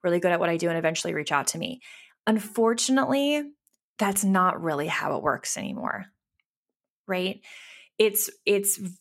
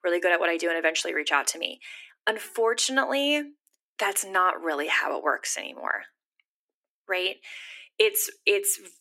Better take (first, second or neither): first